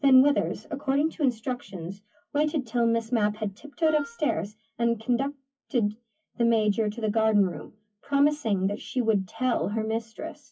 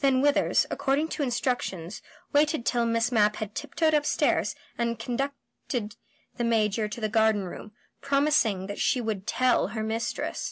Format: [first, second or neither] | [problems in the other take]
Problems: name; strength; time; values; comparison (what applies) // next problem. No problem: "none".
second | noise reduction (classical method WPE with log-MMSE)